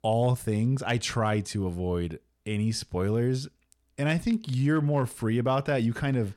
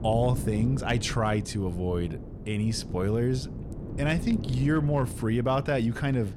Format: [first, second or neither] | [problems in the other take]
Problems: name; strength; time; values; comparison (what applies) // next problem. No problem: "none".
first | wind noise on the microphone; occasional gusts; 15 dB below the speech